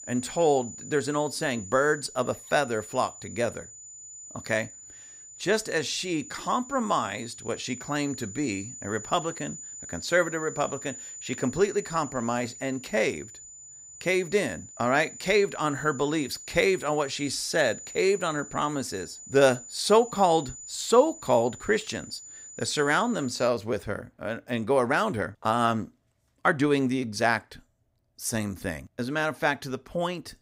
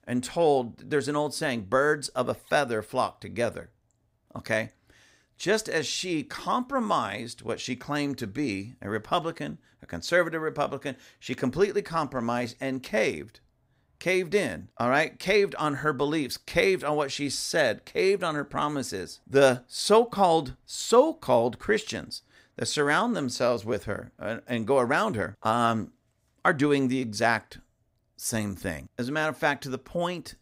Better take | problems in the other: second | high-pitched whine; noticeable; until 23 s; 7 kHz, 15 dB below the speech

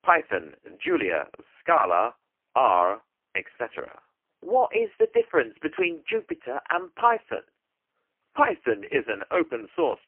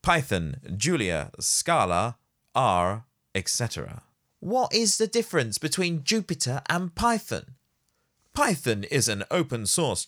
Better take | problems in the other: second | phone-call audio; poor line; nothing above 3 kHz

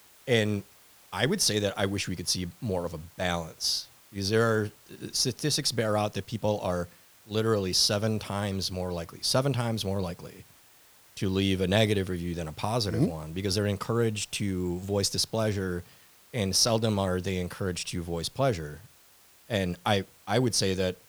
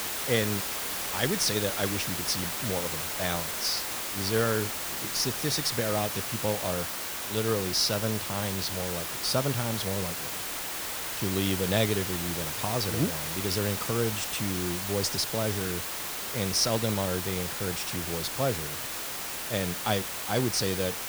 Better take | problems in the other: first | hiss; loud; throughout; 1 dB below the speech; faint in the first

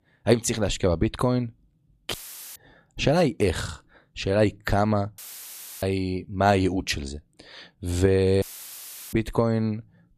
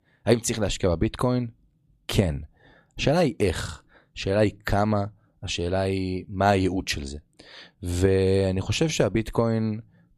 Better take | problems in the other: second | audio cutting out; filled with static; at 2 s, at 5 s for 0.5 s and at 8.5 s for 0.5 s

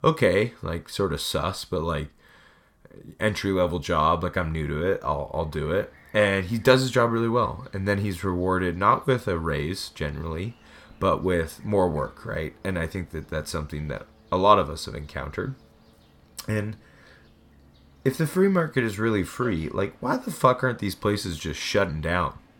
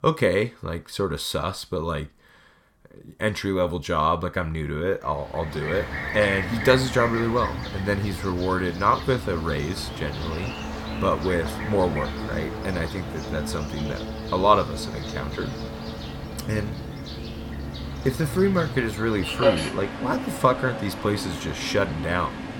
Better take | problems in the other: first | train or aircraft noise; loud; from 5.5 s on; 6 dB below the speech; faint in the first

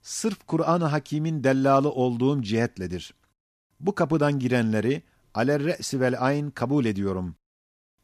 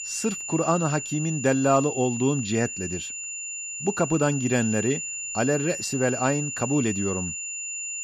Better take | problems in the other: first | high-pitched whine; loud; throughout; 7 kHz, 5 dB below the speech

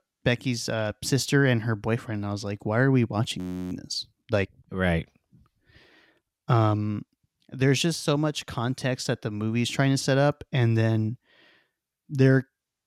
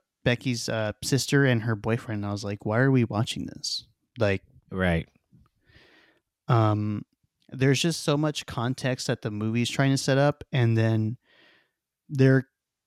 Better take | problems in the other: second | audio freezing; at 3.5 s

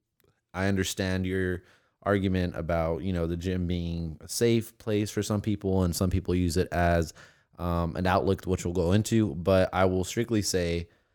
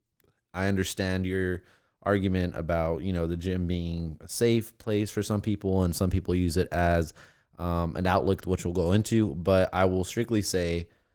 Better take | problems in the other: first | garbled, watery; slightly

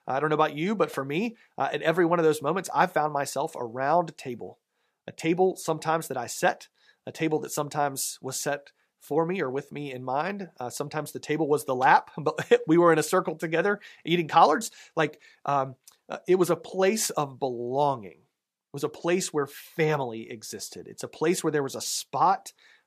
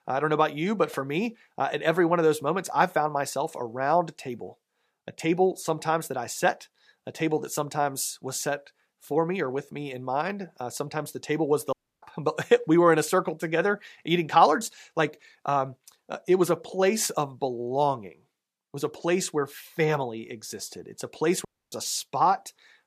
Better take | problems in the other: first | audio cutting out; at 12 s and at 21 s

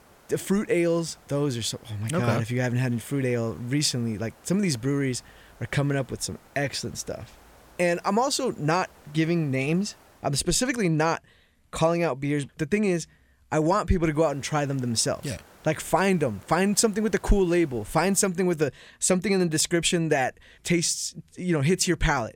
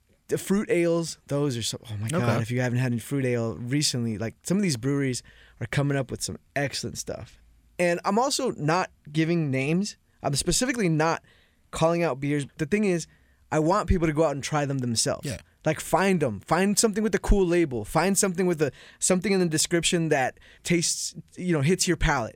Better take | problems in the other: second | hiss; faint; until 10 s and from 14 to 18 s; 30 dB below the speech

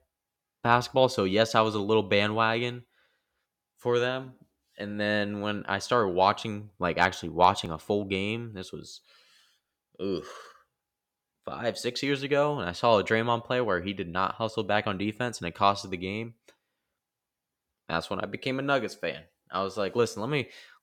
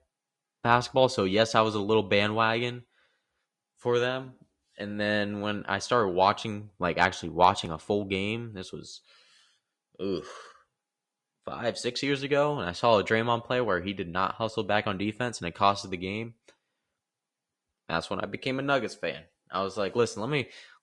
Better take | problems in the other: first | garbled, watery; slightly

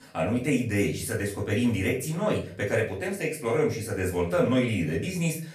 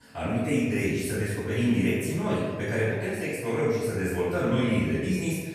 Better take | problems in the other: first | room echo; strong; dies away in 1.3 s; slight in the first // off-mic speech; far; far in the first

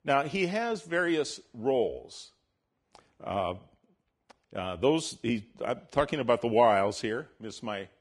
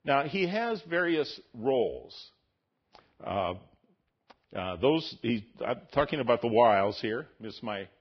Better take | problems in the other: first | garbled, watery; badly; nothing above 5.5 kHz; slightly in the first

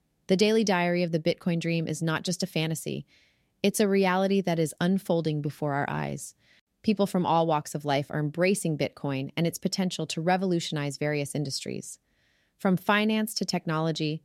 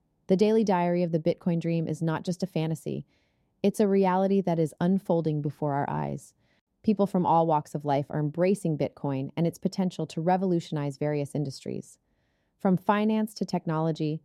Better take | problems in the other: first | muffled; slightly; fading above 1 kHz

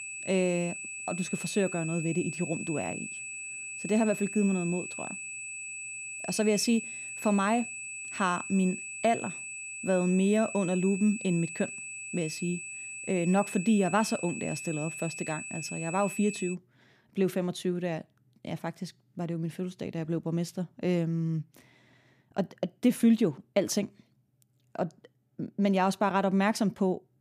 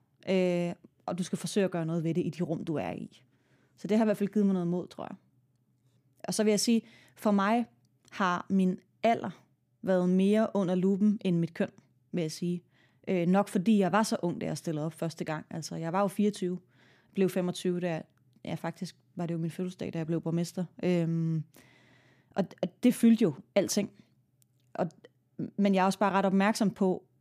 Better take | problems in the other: second | high-pitched whine; loud; until 17 s; 2.5 kHz, 7 dB below the speech

